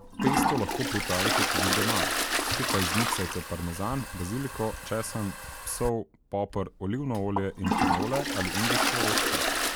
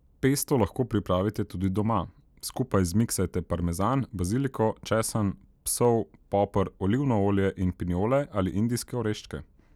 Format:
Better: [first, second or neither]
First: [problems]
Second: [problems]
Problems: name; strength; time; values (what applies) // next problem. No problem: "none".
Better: second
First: background sound (Toilet flush); 2 dB above the speech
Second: none